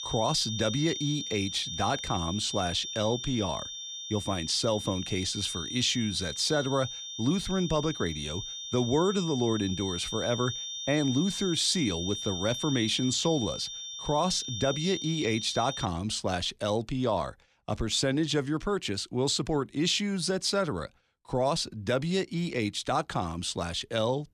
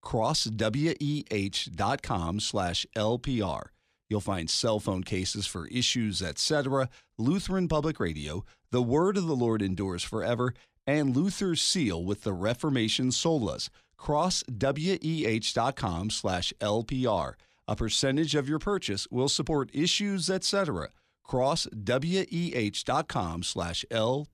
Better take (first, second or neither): second